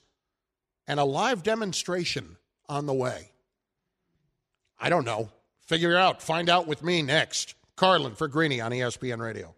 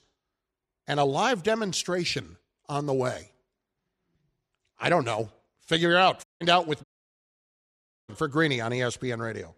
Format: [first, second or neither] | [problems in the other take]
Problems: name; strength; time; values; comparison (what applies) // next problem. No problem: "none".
first | audio cutting out; at 6 s and at 7 s for 1 s